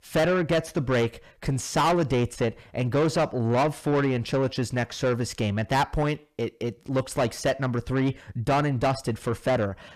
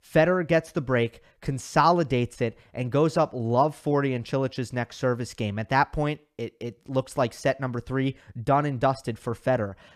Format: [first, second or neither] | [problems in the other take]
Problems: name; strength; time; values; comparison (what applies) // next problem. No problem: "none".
second | distortion; heavy; 8 dB below the speech